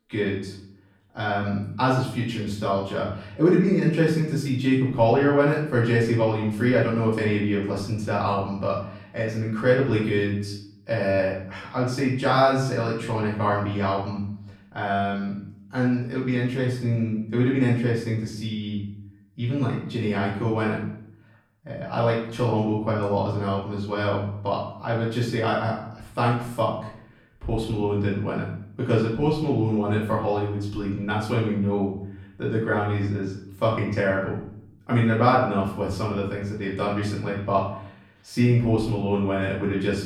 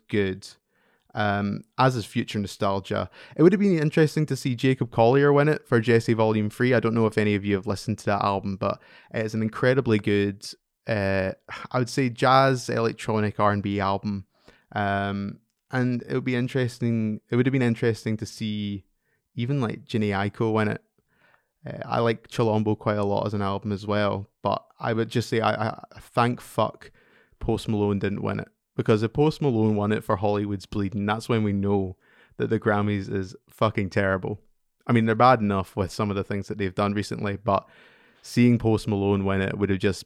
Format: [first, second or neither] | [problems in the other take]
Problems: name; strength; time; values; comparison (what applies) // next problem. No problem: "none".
second | off-mic speech; far // room echo; noticeable; dies away in 0.6 s